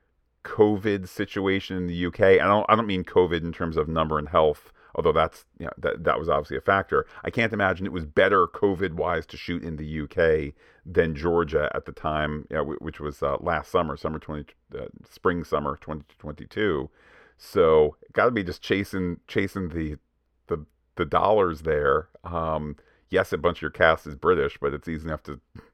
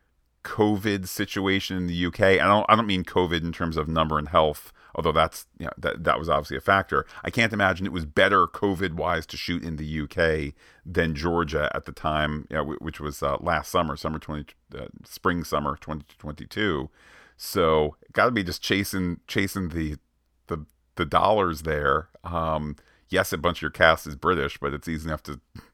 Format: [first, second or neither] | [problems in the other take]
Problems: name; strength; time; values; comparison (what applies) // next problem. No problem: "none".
second | muffled; slightly; fading above 4 kHz